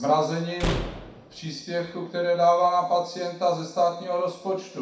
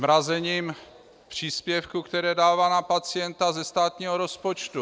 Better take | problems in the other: second | background sound (Slam); 8 dB below the speech // room echo; dies away in 0.6 s

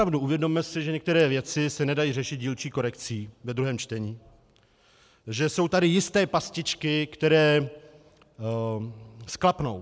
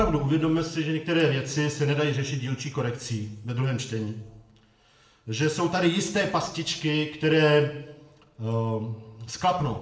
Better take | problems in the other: first | room echo; dies away in 0.6 s

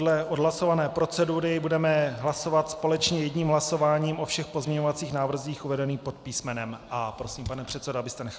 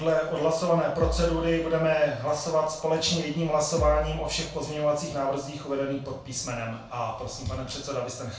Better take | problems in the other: first | background sound (Bass drum); 8 dB below the speech // room echo; dies away in 0.3 s

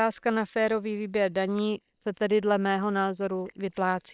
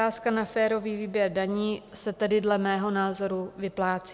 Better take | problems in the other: second | noise reduction (neural separator model SepFormer WHAM!)

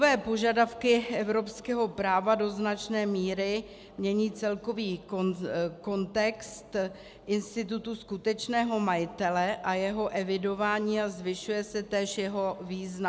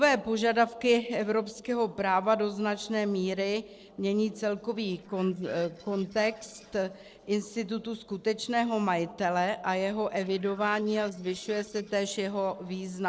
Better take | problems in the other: first | noise reduction (neural separator model SepFormer DNS4)

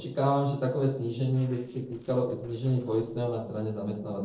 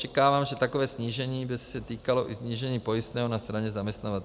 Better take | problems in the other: second | noise reduction (neural separator model SepFormer DNS4)

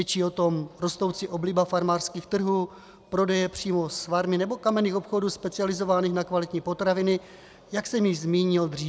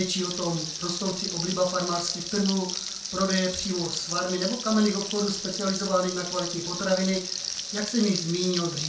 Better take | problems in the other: first | background sound (Frying (food)); 6 dB below the speech // room echo; dies away in 0.3 s

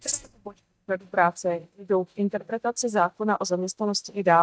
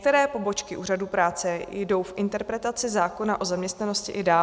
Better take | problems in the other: second | noise reduction (neural mask model DeepFilterNet 3)

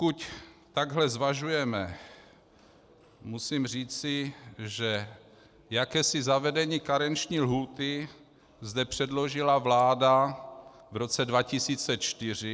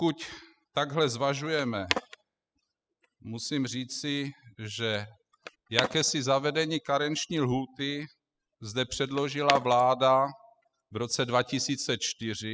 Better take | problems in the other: first | noise reduction (classical method spectral subtraction)

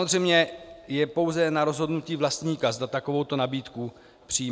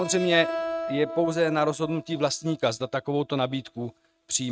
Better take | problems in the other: first | noise reduction (neural mask model RNNoise)

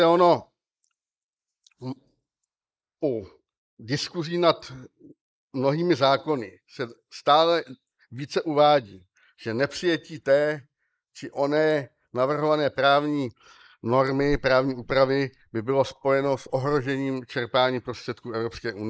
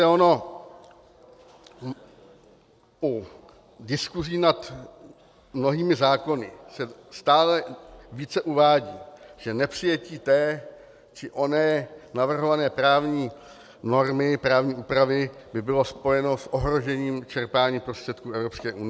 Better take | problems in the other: second | noise reduction (neural mask model Resemble Enhance denoiser)

